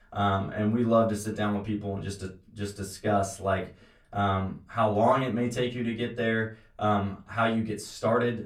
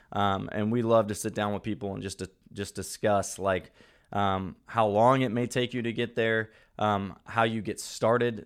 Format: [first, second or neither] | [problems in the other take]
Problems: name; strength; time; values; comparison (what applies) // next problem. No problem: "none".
second | off-mic speech; far // room echo; very slight; dies away in 0.2 s